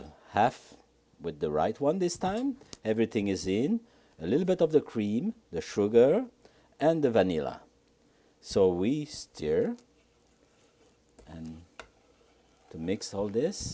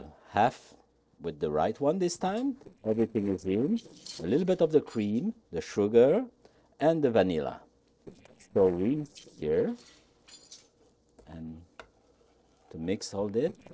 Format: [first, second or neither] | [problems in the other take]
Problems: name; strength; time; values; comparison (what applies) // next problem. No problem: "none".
first | noise reduction (neural separator model SepFormer DNS4)